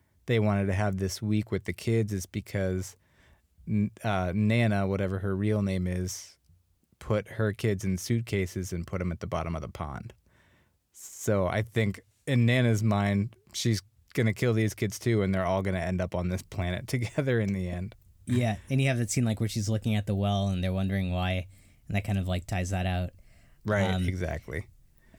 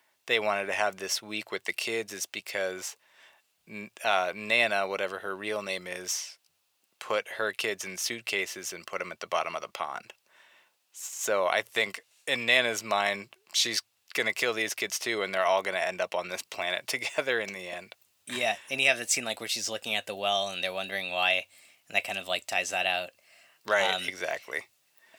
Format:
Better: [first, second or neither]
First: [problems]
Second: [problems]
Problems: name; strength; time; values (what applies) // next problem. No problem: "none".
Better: first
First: none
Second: thin; very; fading below 750 Hz